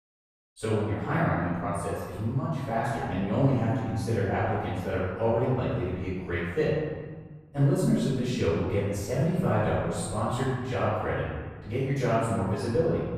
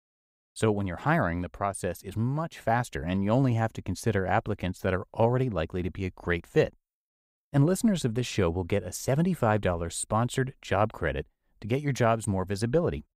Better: second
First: off-mic speech; far // room echo; strong; dies away in 1.5 s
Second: none

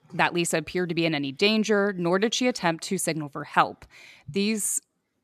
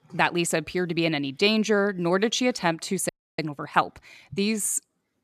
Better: first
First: none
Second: audio freezing; at 3 s

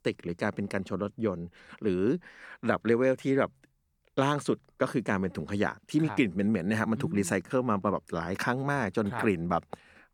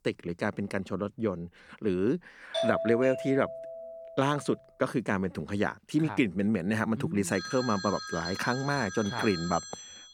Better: first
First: none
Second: doorbell; noticeable; from 2.5 to 4 s; peak 1 dB below the speech // phone ringing; noticeable; from 7.5 s on; peak 7 dB below the speech

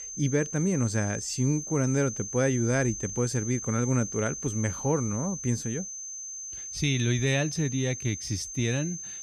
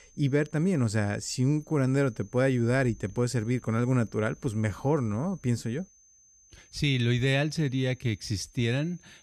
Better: second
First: high-pitched whine; loud; throughout; 6.5 kHz, 7 dB below the speech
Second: high-pitched whine; faint; throughout; 6.5 kHz, 30 dB below the speech

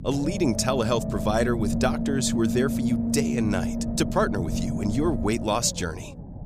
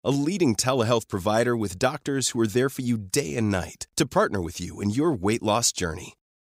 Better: second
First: low rumble; loud; throughout; 7 dB below the speech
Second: none

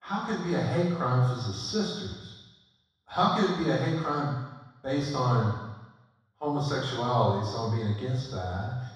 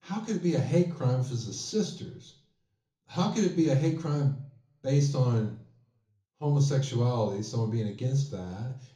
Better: second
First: room echo; strong; dies away in 1.2 s // off-mic speech; far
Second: room echo; slight; dies away in 0.6 s // off-mic speech; far

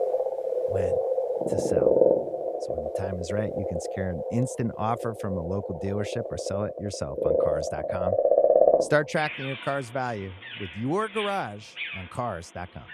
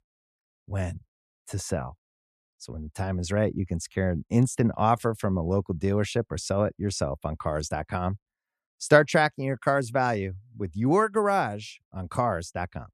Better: second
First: animal sounds; very loud; throughout; 4 dB above the speech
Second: none

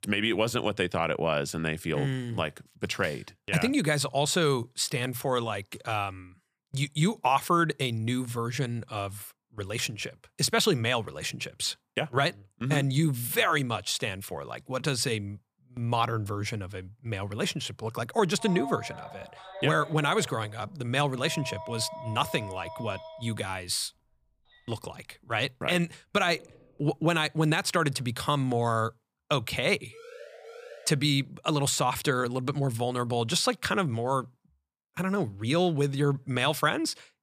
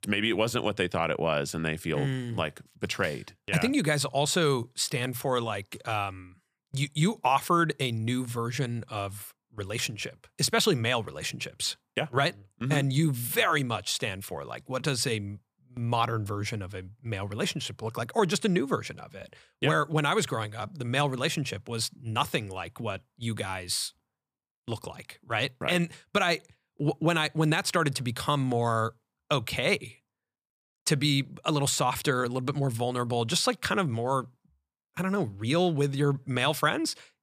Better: second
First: phone ringing; noticeable; from 18 to 27 s; peak 9 dB below the speech // siren; faint; from 30 to 31 s; peak 15 dB below the speech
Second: none

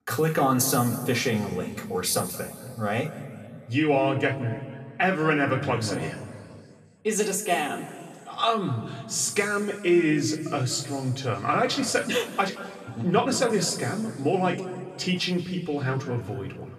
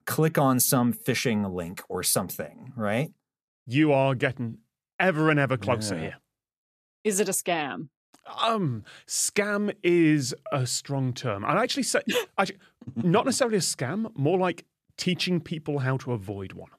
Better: second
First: room echo; noticeable; dies away in 1.9 s // off-mic speech; somewhat distant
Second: none

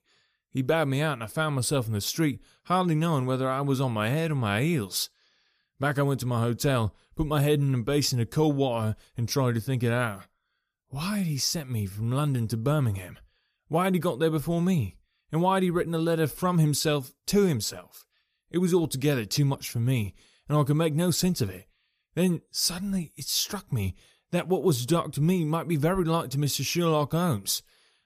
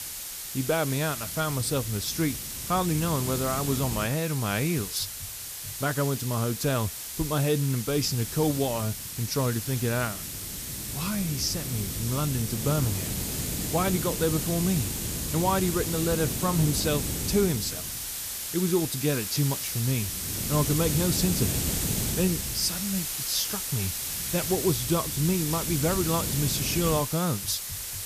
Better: first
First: none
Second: hiss; loud; throughout; 2 dB below the speech

